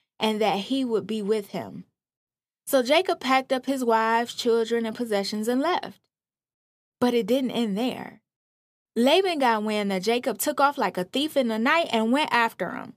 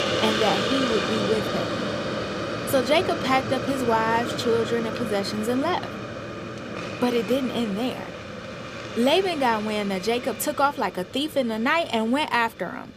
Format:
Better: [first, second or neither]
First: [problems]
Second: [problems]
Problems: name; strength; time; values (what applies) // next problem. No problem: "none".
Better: first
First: none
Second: hiss; loud; throughout; 5 dB below the speech